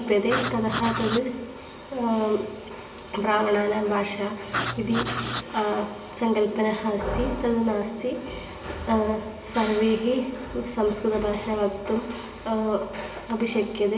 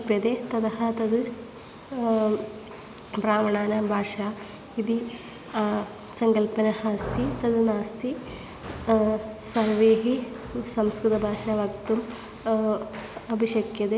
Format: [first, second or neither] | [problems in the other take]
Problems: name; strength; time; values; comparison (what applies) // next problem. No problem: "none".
second | background sound (Writing); 4 dB below the speech // room echo; dies away in 0.6 s